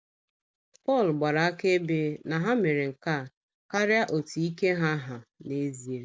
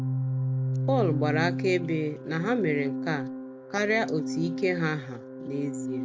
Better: first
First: none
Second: background sound (Organ); 2 dB below the speech

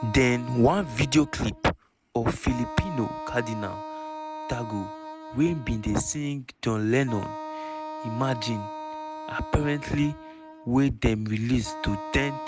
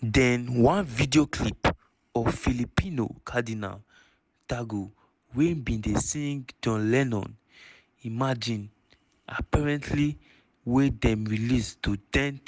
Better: second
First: background sound (Wind instrument, woodwind instrument); 11 dB below the speech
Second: none

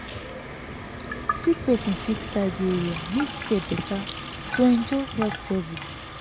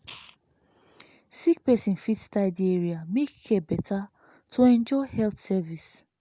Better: second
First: background sound (Sink (filling or washing) / Water tap, faucet); 7 dB below the speech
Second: none

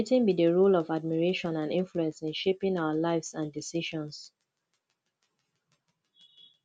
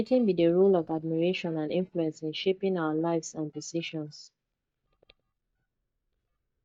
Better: first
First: none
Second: noise reduction (neural mask model DeepFilterNet 3)

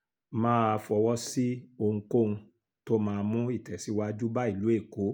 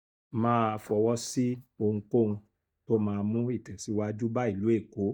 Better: first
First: none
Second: noise reduction (neural mask model DeepFilterNet 3)

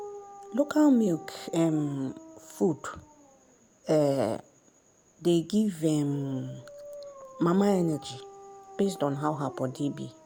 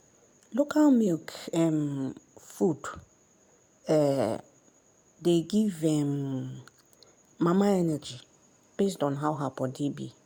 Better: second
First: background sound (Dog); 18 dB below the speech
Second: none

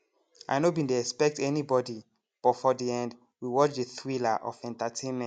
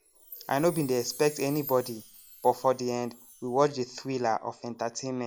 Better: first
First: none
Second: background sound (Chime); 19 dB below the speech

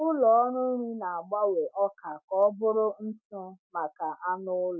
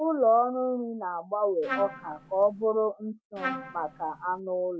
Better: first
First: none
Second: background sound (Trumpet); 9 dB below the speech

